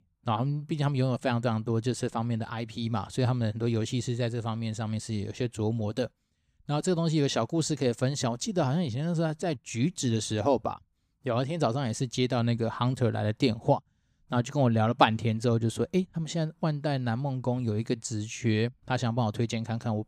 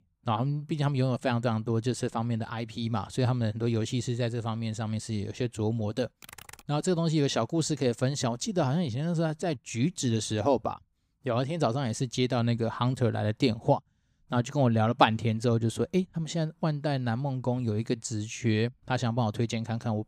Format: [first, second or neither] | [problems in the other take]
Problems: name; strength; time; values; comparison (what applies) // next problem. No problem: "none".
first | keyboard typing; faint; at 6 s; peak 15 dB below the speech